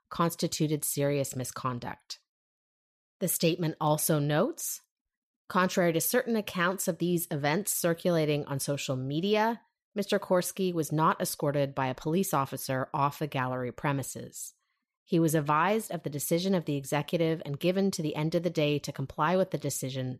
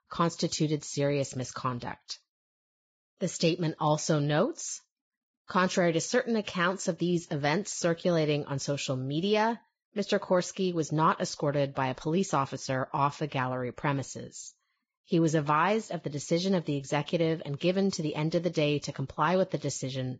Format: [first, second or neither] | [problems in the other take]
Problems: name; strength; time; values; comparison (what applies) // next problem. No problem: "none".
first | garbled, watery; badly; nothing above 7.5 kHz